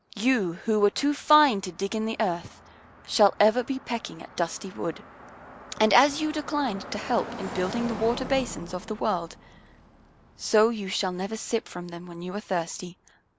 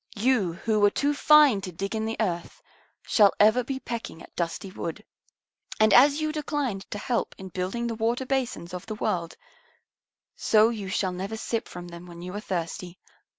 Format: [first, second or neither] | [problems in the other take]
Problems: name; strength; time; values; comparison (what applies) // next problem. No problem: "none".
second | background sound (Car passing by); 16 dB below the speech